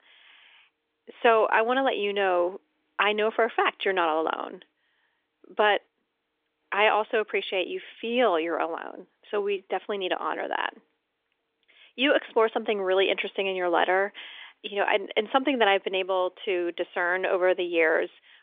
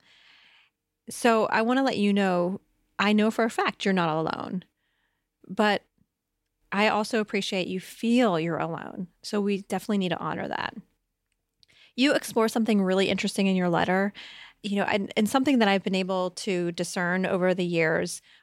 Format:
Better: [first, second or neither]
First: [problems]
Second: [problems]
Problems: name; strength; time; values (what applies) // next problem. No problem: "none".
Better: second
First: phone-call audio; nothing above 3.5 kHz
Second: none